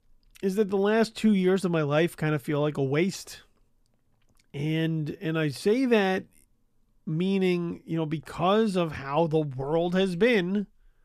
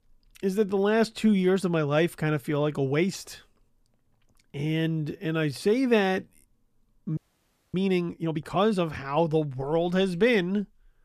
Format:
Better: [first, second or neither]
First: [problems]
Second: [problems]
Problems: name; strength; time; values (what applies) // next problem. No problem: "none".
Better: first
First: none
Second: audio freezing; at 7 s for 0.5 s